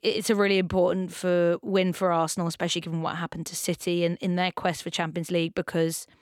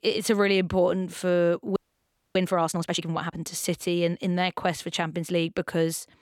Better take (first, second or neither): first